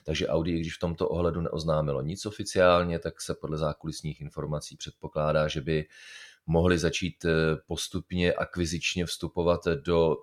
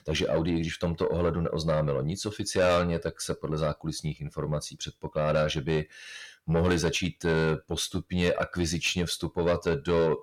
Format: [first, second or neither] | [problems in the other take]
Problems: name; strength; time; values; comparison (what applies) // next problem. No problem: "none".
first | distortion; slight; 10 dB below the speech